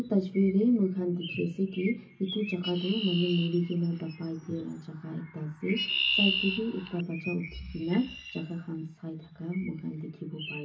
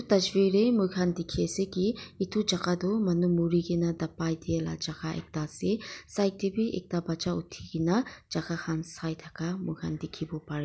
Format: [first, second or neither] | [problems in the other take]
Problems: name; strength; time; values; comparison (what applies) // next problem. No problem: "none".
second | background sound (Chirp, tweet); 7 dB below the speech // room echo; dies away in 0.3 s